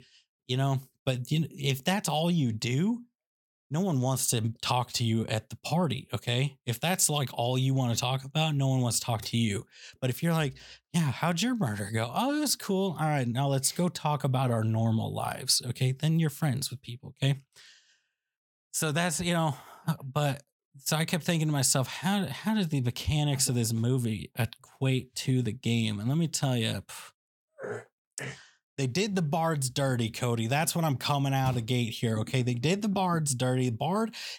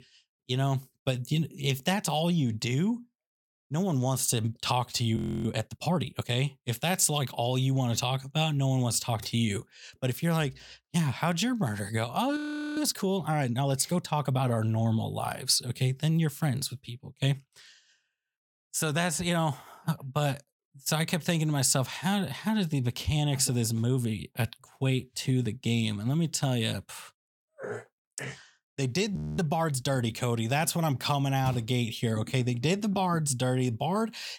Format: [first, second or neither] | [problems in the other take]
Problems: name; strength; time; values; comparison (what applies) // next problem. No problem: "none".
first | audio freezing; at 5 s, at 12 s and at 29 s